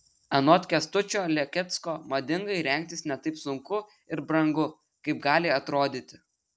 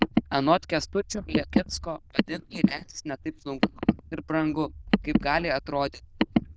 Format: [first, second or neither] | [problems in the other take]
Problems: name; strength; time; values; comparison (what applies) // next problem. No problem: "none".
first | noise reduction (neural diffusion model UNIVERSE++)